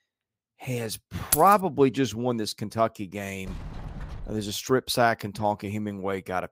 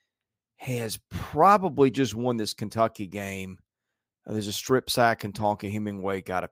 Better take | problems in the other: second | jangling keys; noticeable; at 1.5 s; peak level with the speech // door banging; faint; from 3.5 to 4.5 s; peak 15 dB below the speech

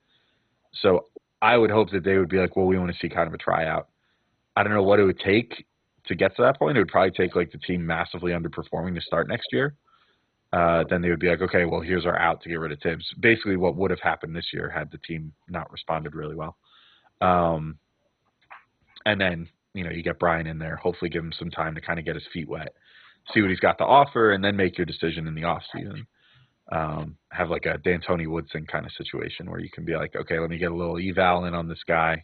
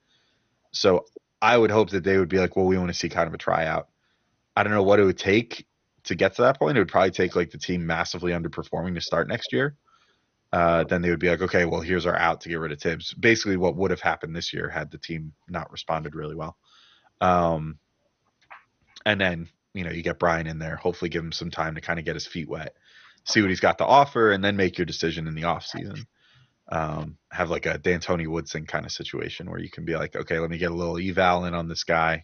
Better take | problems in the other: second | garbled, watery; badly; nothing above 4 kHz; slightly in the second

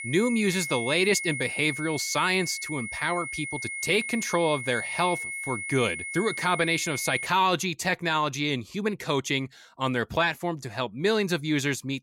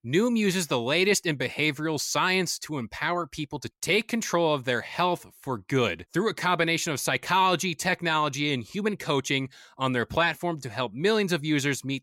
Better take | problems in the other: second | high-pitched whine; loud; until 7.5 s; 2 kHz, 6 dB below the speech

